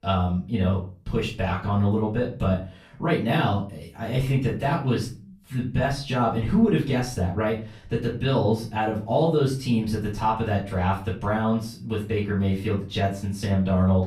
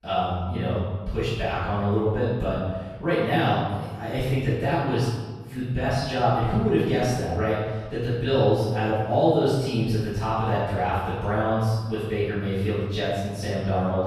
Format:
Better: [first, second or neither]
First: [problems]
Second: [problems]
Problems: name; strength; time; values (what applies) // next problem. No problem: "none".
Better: first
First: room echo; slight; dies away in 0.3 s // off-mic speech; far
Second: room echo; strong; dies away in 1.2 s // off-mic speech; far